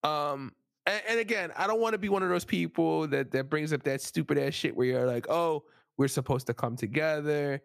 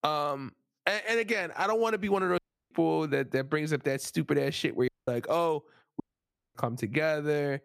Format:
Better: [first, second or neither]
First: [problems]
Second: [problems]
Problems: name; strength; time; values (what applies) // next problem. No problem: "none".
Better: first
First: none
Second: audio cutting out; at 2.5 s, at 5 s and at 6 s for 0.5 s